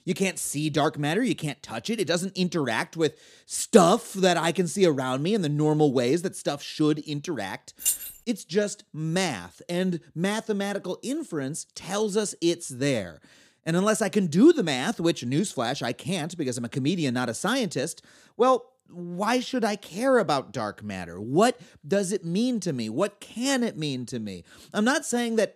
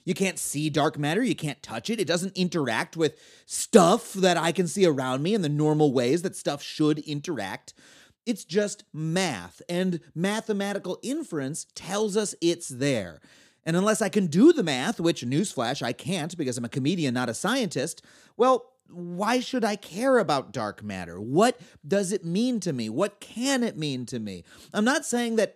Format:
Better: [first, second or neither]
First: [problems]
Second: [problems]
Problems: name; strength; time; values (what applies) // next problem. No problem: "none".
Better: second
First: jangling keys; loud; at 8 s; peak level with the speech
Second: none